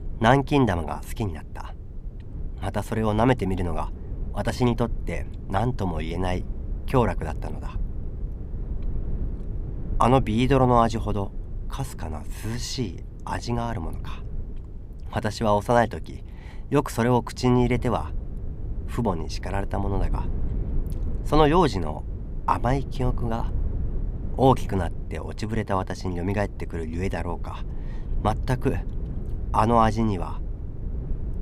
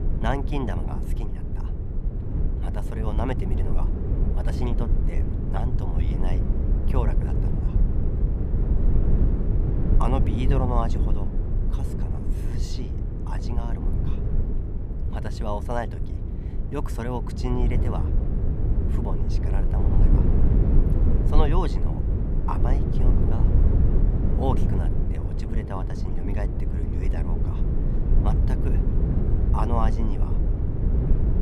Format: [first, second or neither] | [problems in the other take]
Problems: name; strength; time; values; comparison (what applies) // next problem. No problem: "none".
first | low rumble; loud; throughout; 3 dB below the speech; faint in the first